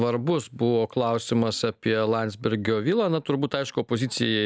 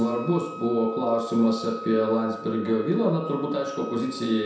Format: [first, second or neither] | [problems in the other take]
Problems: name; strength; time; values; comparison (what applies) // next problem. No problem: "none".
first | background sound (Wind instrument, woodwind instrument); 14 dB below the speech // room echo; dies away in 0.7 s